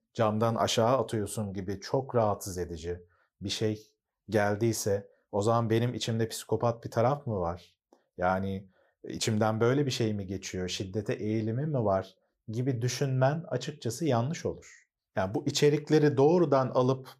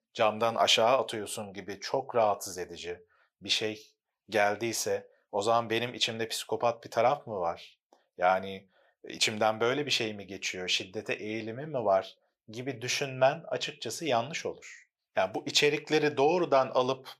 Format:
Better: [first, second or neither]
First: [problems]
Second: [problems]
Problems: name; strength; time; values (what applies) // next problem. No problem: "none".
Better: first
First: none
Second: thin; somewhat; fading below 950 Hz